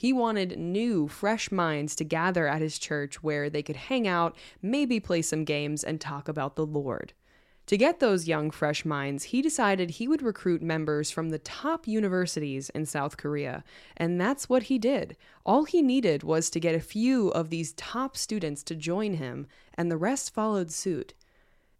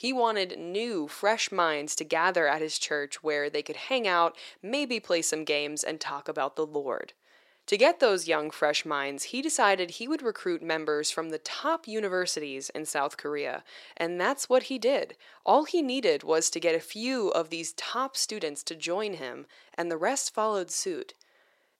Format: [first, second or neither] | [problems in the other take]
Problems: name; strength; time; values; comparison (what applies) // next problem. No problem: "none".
first | thin; somewhat; fading below 500 Hz